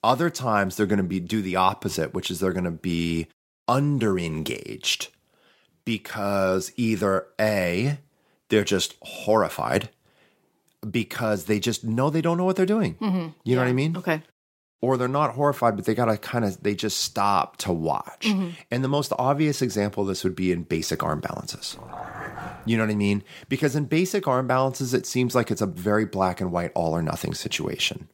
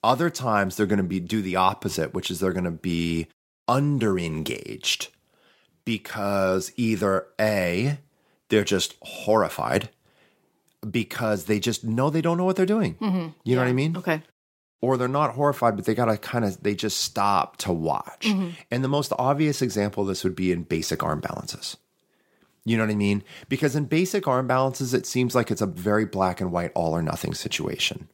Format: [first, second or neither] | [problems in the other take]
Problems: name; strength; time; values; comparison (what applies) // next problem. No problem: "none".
second | dog barking; faint; at 22 s; peak 10 dB below the speech